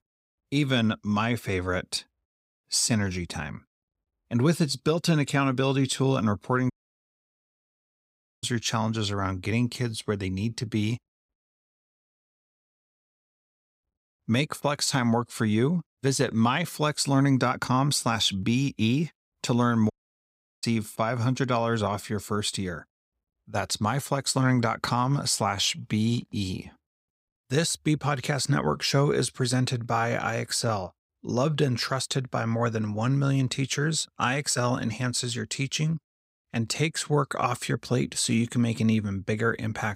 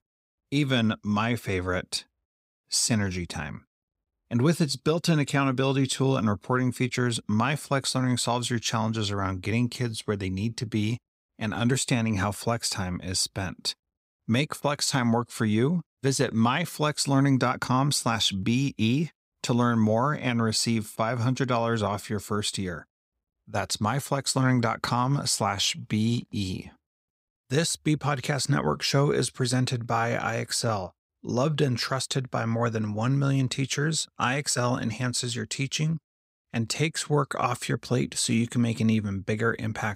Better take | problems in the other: second | audio cutting out; at 6.5 s for 1.5 s, at 11 s for 2.5 s and at 20 s for 0.5 s

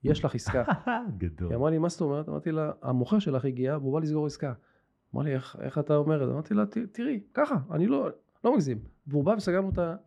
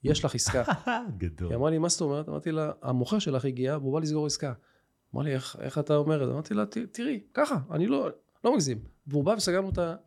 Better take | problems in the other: second | muffled; slightly; fading above 3.5 kHz

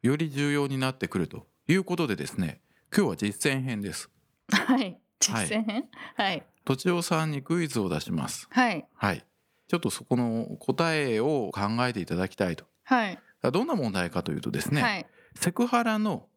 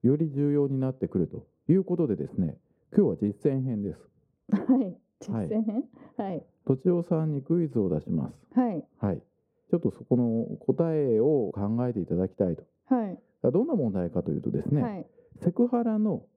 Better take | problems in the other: first | muffled; very; fading above 1 kHz

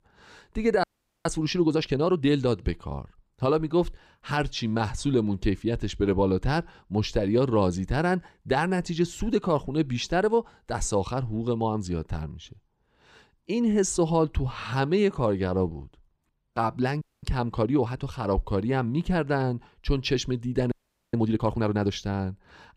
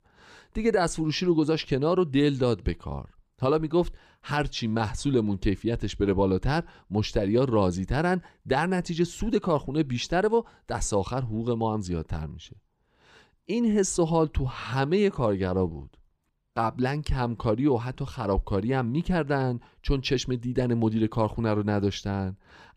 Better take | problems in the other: second | audio freezing; at 1 s, at 17 s and at 21 s

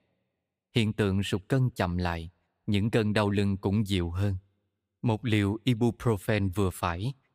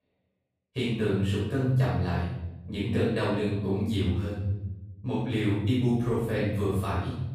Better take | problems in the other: first | room echo; strong; dies away in 1.1 s // off-mic speech; far

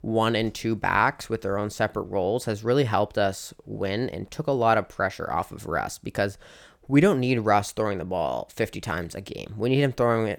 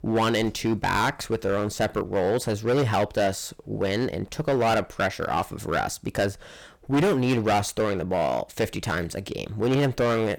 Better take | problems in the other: first | distortion; heavy; 12% of the sound clipped

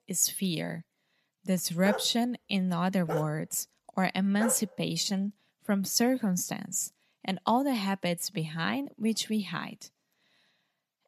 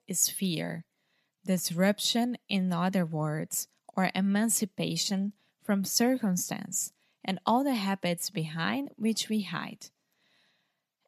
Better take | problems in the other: second | dog barking; noticeable; from 2 to 4.5 s; peak 7 dB below the speech

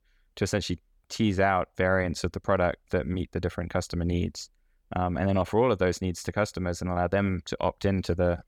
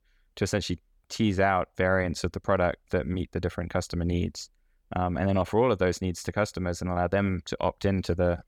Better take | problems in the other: neither | none

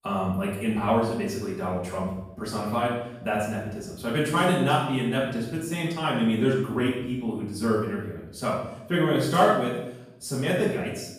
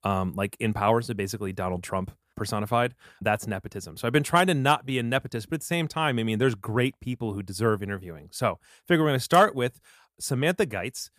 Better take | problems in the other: second | off-mic speech; far // room echo; noticeable; dies away in 0.8 s

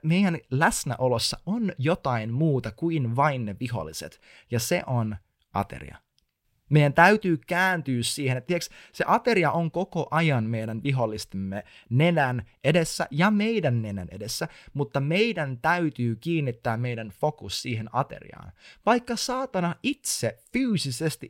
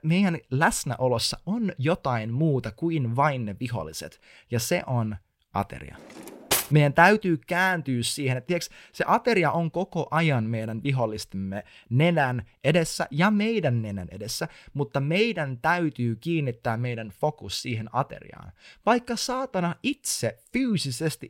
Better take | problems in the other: first | clattering dishes; loud; at 6.5 s; peak 1 dB above the speech

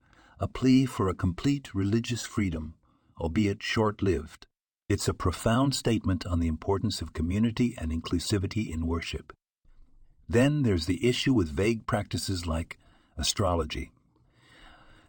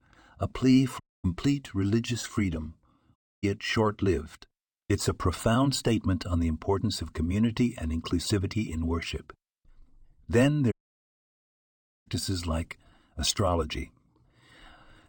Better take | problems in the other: first | audio cutting out; at 1 s, at 3 s and at 11 s for 1.5 s

